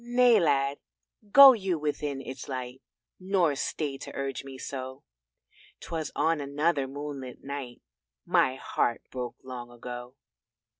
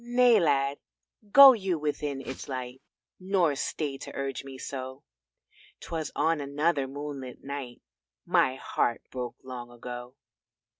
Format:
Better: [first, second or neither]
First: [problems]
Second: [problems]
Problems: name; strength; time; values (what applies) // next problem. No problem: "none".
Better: first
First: none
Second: noise reduction (neural mask model RNNoise)